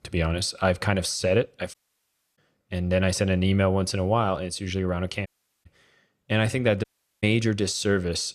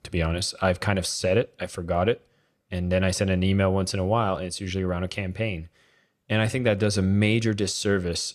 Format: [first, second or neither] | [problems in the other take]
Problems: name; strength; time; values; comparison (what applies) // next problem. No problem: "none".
second | audio cutting out; at 1.5 s for 0.5 s, at 5.5 s and at 7 s